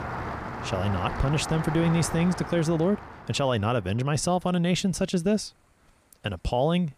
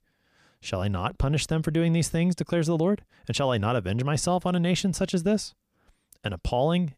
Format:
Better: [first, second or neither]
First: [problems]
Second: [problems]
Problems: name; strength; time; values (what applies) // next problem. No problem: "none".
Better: second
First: rain or running water; loud; throughout; 9 dB below the speech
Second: none